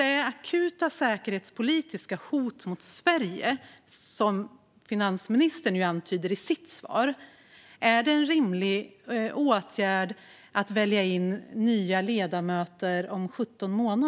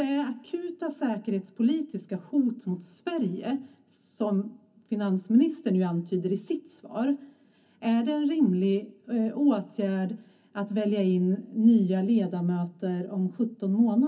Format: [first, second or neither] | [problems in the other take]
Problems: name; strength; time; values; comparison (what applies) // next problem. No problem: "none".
first | room echo; dies away in 0.4 s